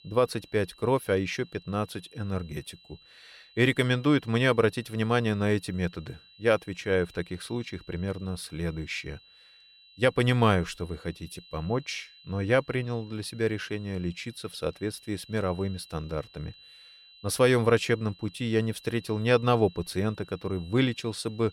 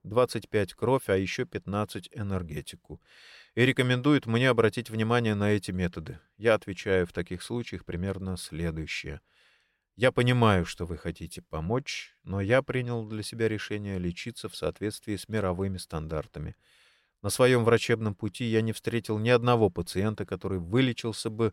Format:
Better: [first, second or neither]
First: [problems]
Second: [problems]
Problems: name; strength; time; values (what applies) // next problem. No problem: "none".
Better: second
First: high-pitched whine; faint; throughout; 4 kHz, 25 dB below the speech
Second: none